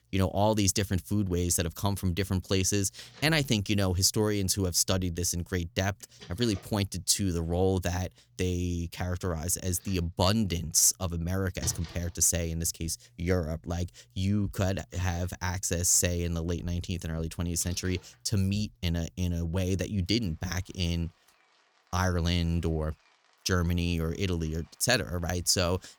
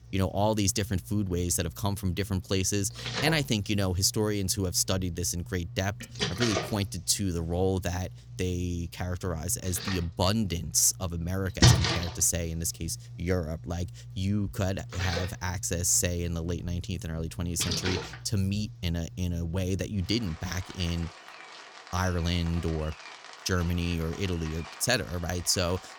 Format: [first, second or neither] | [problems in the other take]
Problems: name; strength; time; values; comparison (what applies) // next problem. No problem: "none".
first | rain or running water; loud; throughout; 7 dB below the speech; faint in the first